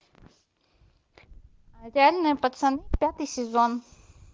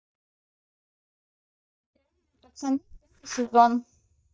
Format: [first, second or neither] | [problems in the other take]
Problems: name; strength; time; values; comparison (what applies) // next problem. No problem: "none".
first | noise reduction (neural mask model DeepFilterNet 3)